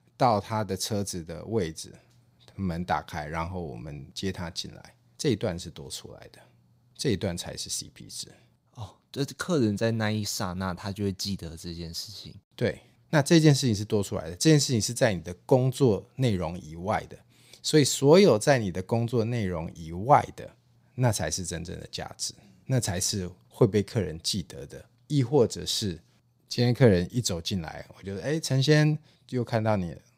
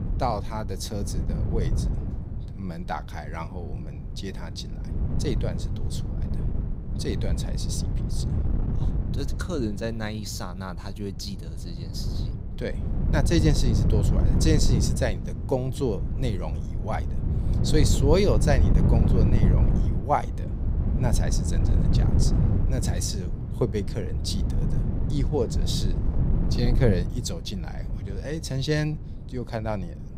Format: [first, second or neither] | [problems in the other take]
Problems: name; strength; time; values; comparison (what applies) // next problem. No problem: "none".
first | wind noise on the microphone; heavy; 7 dB below the speech